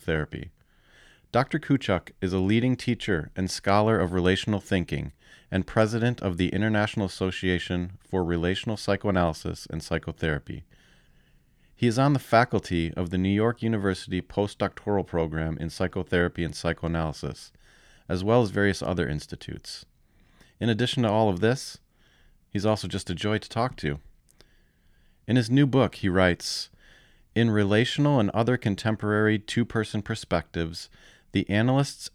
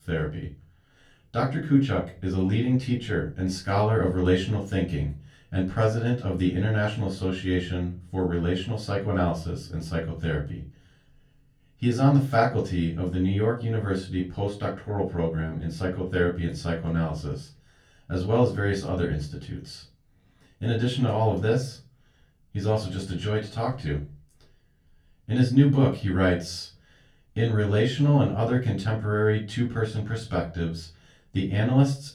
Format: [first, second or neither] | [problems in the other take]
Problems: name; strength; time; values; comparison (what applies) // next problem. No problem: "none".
first | off-mic speech; far // room echo; slight; dies away in 0.3 s